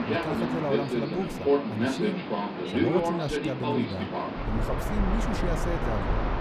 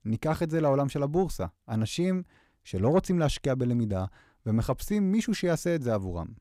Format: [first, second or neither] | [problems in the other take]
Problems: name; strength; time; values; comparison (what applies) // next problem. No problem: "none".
second | train or aircraft noise; very loud; throughout; 5 dB above the speech